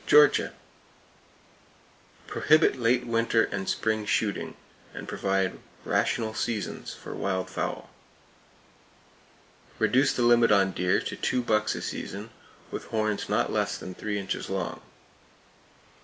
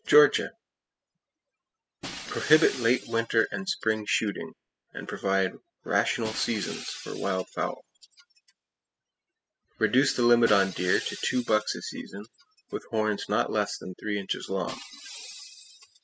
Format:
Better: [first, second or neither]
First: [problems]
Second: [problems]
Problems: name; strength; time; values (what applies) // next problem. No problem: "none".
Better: first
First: none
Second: noise reduction (classical method spectral subtraction)